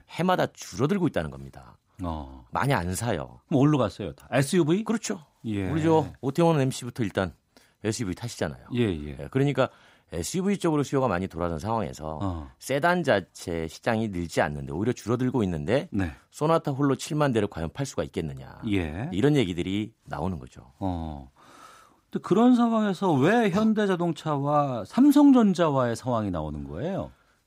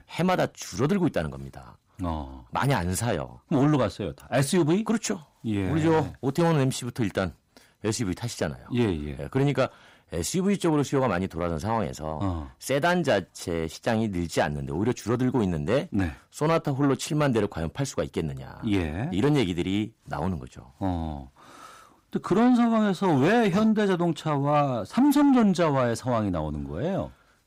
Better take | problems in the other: first | distortion; slight; 10 dB below the speech

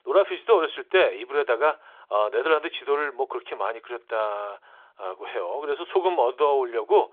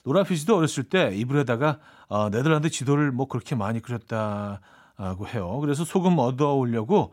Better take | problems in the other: second | phone-call audio; nothing above 3.5 kHz

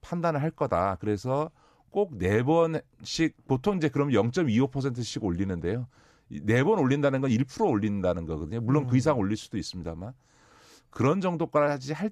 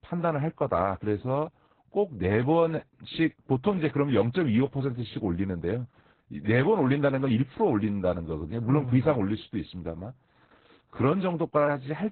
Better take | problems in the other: first | garbled, watery; badly; nothing above 4 kHz

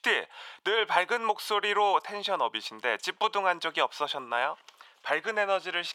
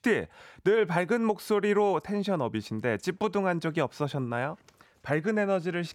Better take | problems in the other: second | thin; very; fading below 700 Hz

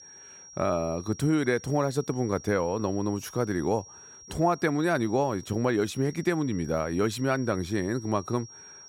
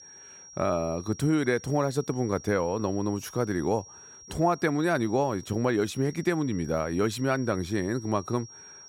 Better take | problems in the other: neither | high-pitched whine; noticeable; throughout; 5.5 kHz, 20 dB below the speech; the same in both

